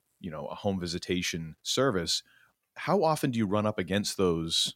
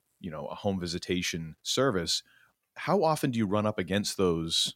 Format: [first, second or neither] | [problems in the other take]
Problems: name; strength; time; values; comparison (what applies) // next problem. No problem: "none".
neither | none